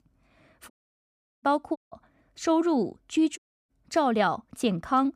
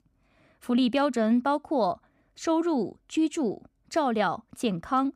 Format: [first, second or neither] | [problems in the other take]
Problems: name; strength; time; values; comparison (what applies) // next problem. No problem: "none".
second | audio cutting out; at 0.5 s for 0.5 s, at 2 s and at 3.5 s